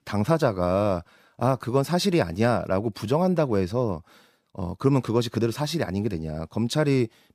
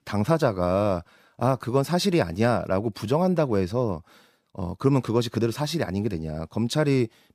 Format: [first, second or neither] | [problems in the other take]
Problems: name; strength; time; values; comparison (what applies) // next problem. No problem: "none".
neither | none